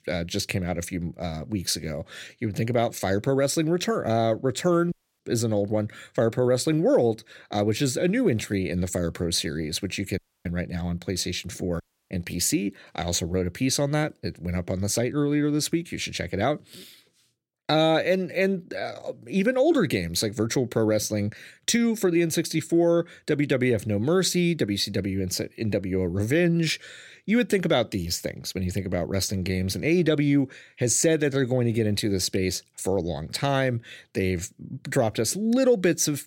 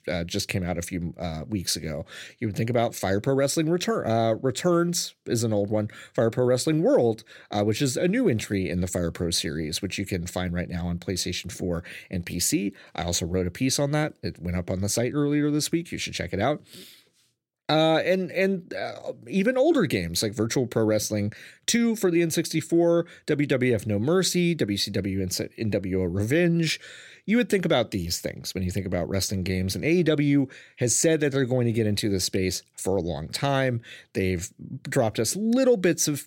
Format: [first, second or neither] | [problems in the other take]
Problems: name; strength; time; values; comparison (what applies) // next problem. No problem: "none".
second | audio cutting out; at 5 s, at 10 s and at 12 s